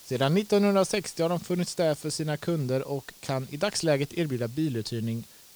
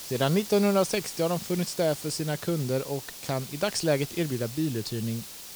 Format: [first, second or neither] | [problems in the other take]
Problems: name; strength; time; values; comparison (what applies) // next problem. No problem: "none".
first | hiss; loud; throughout; 10 dB below the speech; faint in the first